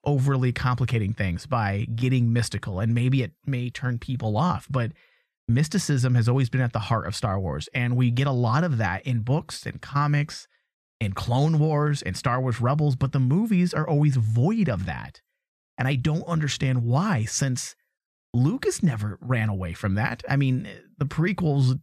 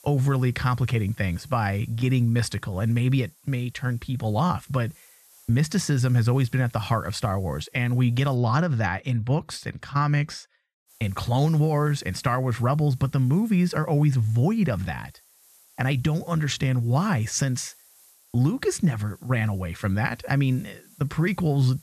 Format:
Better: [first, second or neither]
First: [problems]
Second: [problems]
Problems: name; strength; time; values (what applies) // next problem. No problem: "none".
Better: first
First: none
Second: hiss; faint; until 8.5 s and from 11 s on; 30 dB below the speech